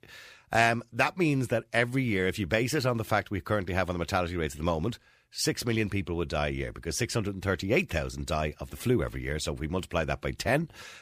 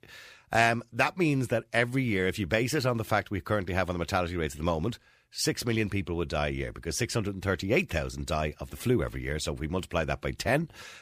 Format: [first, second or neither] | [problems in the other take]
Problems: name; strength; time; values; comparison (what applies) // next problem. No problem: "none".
neither | none